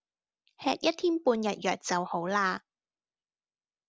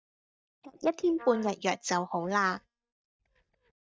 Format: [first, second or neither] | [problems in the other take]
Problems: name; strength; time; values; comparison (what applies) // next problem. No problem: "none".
first | noise reduction (neural mask model DeepFilterNet 3)